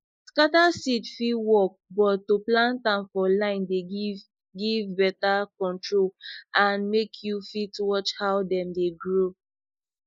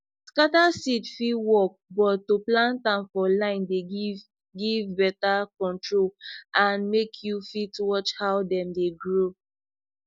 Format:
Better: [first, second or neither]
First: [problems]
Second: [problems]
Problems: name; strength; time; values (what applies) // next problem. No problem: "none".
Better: second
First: noise reduction (neural mask model Resemble Enhance denoiser)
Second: none